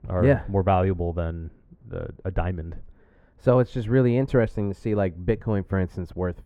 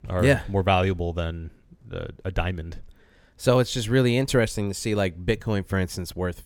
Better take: second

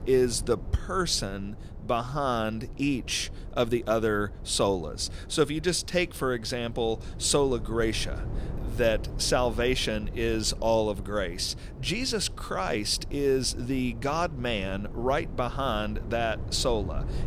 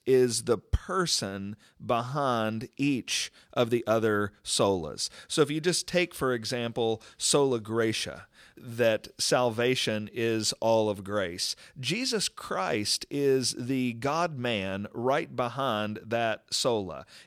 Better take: second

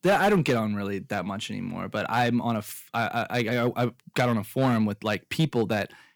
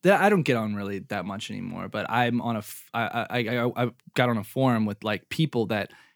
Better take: second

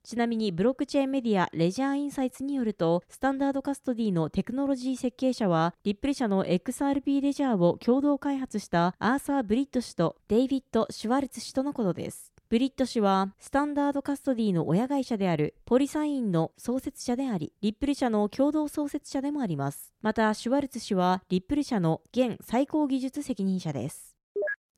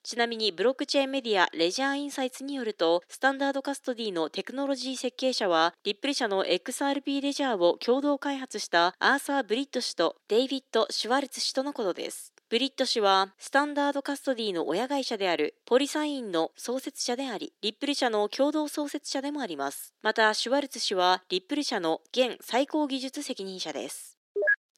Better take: first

